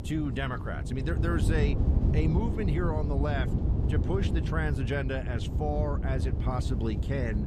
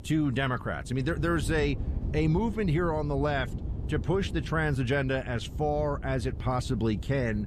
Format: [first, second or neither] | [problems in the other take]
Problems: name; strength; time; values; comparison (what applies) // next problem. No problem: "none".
second | wind noise on the microphone; heavy; 6 dB below the speech; occasional gusts in the second